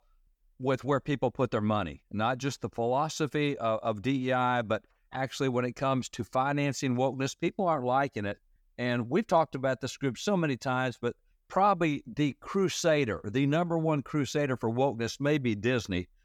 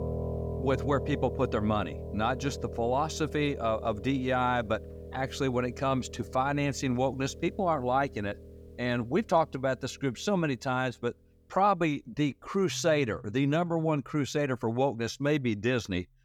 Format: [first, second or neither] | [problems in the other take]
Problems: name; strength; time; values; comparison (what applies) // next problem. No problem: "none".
first | background music; noticeable; throughout; 10 dB below the speech